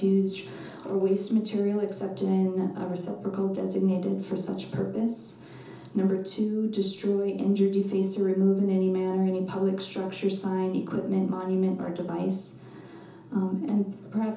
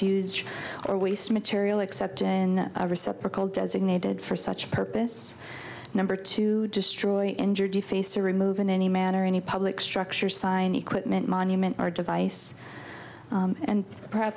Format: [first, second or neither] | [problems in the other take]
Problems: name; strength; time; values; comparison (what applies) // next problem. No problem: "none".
second | room echo; dies away in 0.6 s